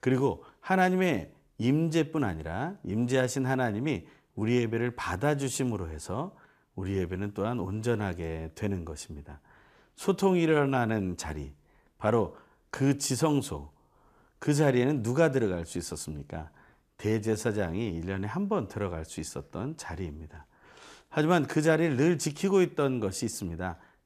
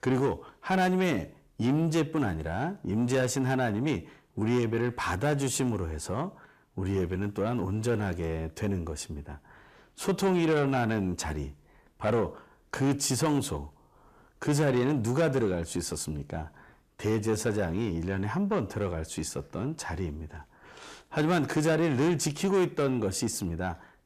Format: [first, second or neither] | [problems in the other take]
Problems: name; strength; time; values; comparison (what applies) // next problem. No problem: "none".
first | distortion; slight; 10 dB below the speech